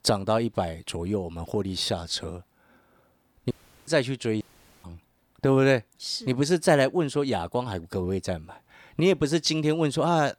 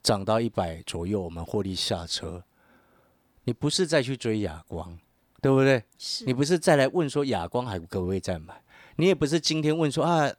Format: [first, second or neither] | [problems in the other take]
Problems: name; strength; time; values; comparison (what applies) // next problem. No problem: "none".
second | audio cutting out; at 3.5 s and at 4.5 s